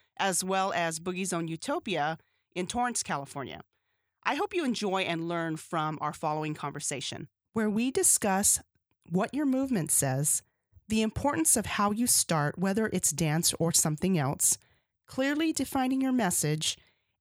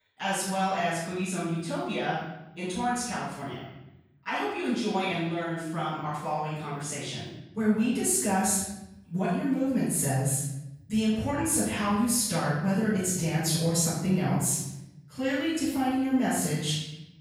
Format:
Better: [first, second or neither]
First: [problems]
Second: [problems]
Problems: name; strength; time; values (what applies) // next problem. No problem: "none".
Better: first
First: none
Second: off-mic speech; far // room echo; strong; dies away in 1 s